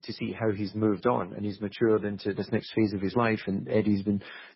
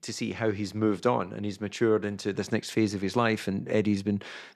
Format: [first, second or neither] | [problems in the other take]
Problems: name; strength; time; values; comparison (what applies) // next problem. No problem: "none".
second | garbled, watery; badly; nothing above 5.5 kHz